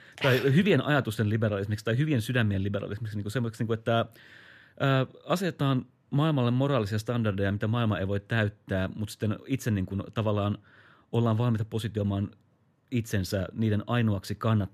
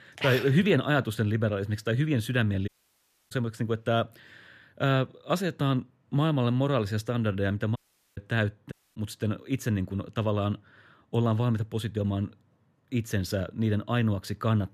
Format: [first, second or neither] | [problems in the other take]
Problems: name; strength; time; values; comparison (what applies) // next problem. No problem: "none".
first | audio cutting out; at 2.5 s for 0.5 s, at 8 s and at 8.5 s